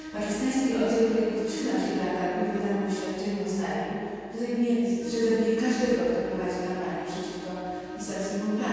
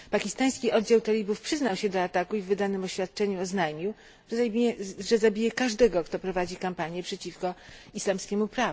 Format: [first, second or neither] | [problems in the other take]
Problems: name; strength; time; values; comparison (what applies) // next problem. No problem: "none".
second | background sound (Bowed string instrument); 14 dB below the speech // room echo; dies away in 2.1 s